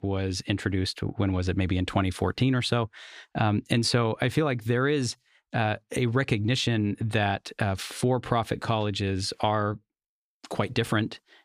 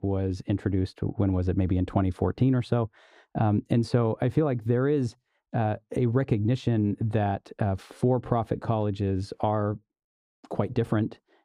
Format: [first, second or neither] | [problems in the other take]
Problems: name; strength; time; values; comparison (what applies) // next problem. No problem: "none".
first | muffled; slightly; fading above 1.5 kHz